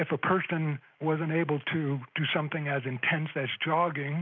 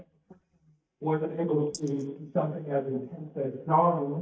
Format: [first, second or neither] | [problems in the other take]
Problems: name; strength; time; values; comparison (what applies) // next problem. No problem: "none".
first | noise reduction (neural mask model DeepFilterNet 3)